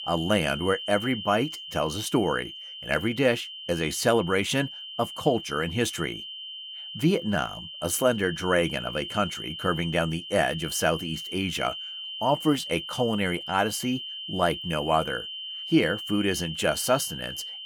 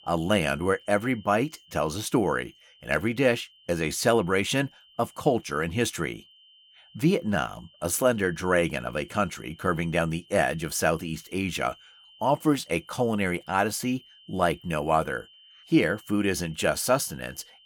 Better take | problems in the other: second | high-pitched whine; loud; throughout; 3 kHz, 8 dB below the speech; faint in the second

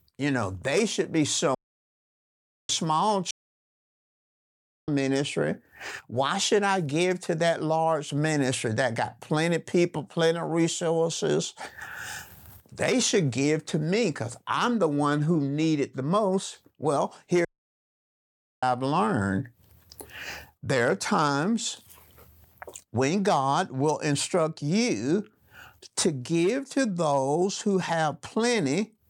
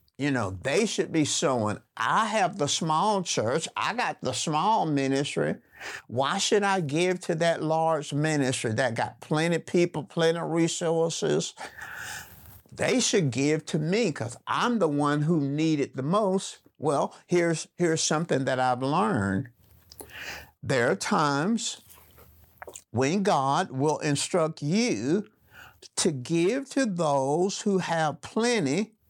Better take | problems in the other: second | audio cutting out; at 1.5 s for 1 s, at 3.5 s for 1.5 s and at 17 s for 1 s

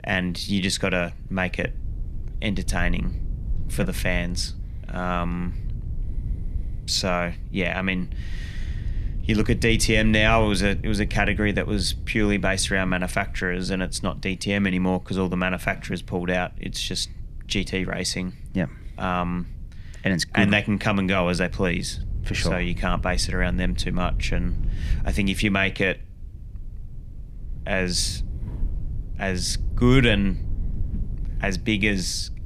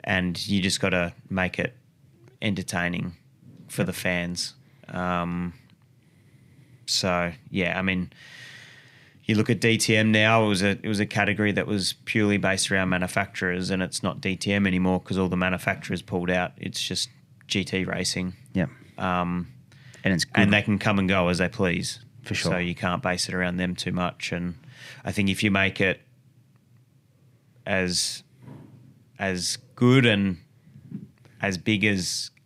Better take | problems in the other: second | low rumble; faint; throughout; 25 dB below the speech

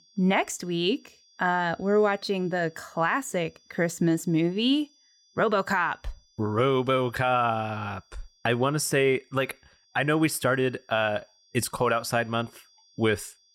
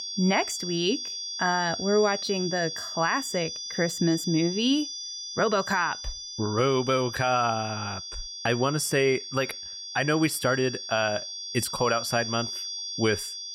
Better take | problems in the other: first | high-pitched whine; loud; throughout; 4.5 kHz, 7 dB below the speech; faint in the first

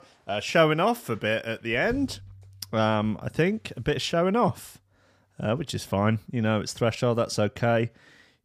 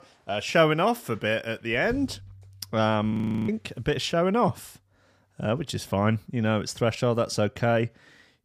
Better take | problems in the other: first | audio freezing; at 3 s

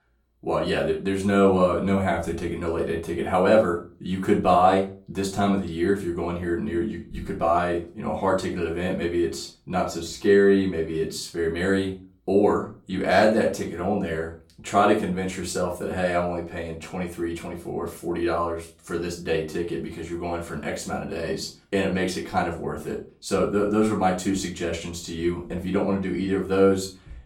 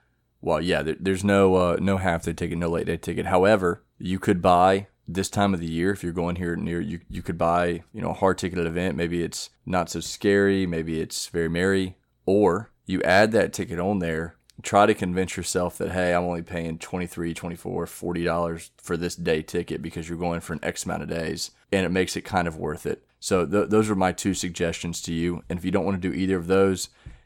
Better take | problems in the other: second | off-mic speech; far // room echo; slight; dies away in 0.3 s

